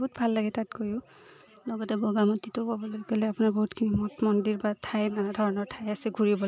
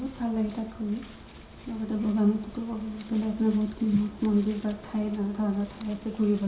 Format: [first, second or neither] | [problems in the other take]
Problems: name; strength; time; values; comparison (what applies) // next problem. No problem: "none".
first | background sound (Wind); 18 dB below the speech // room echo; dies away in 0.7 s